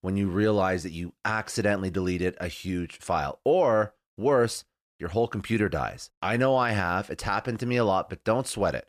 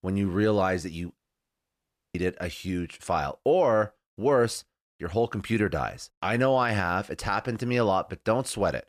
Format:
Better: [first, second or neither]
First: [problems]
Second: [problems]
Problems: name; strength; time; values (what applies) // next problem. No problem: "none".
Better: first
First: none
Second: audio cutting out; at 1 s for 1 s